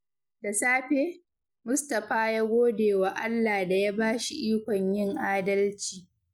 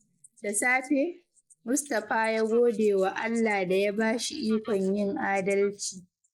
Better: first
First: none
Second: noise reduction (neural mask model Resemble Enhance denoiser)

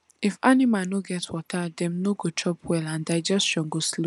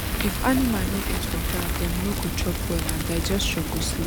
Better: first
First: none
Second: background sound (Fire); 2 dB above the speech

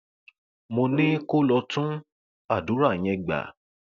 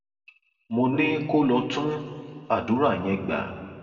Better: first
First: none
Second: room echo; dies away in 1.9 s

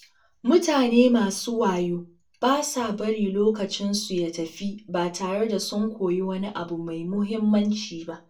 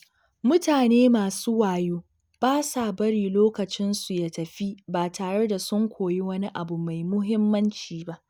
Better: second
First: room echo; dies away in 0.2 s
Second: none

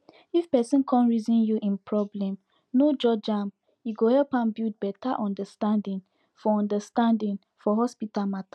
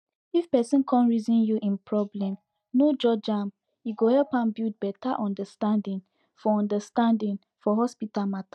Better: first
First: none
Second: noise reduction (neural mask model DeepFilterNet 3)

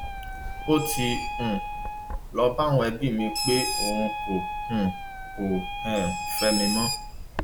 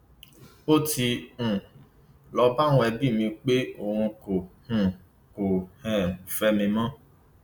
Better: second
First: background sound (Bird + Wind instrument, woodwind instrument); 3 dB below the speech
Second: none

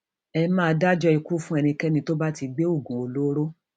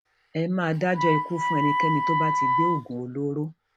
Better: first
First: none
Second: background sound (Wind instrument, woodwind instrument); as loud as the speech

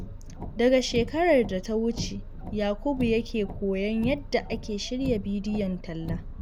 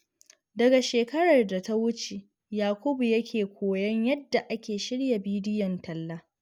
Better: second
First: background sound (Car); 9 dB below the speech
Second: none

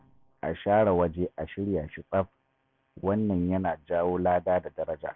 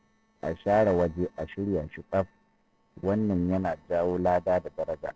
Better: first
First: none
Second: noise reduction (neural separator model SepFormer DNS4)

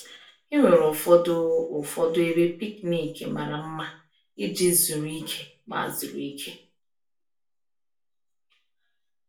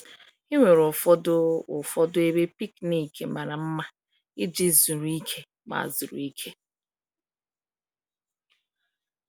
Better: second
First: room echo; dies away in 0.3 s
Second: none

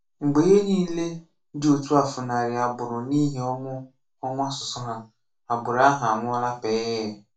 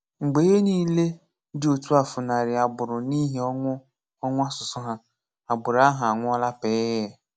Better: second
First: room echo; dies away in 0.2 s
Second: none

